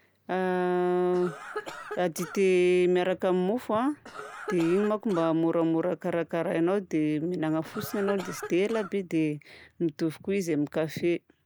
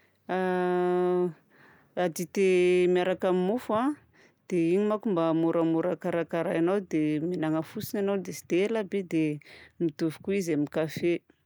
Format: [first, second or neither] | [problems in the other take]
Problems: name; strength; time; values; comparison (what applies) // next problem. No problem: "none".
second | background sound (Cough); 13 dB below the speech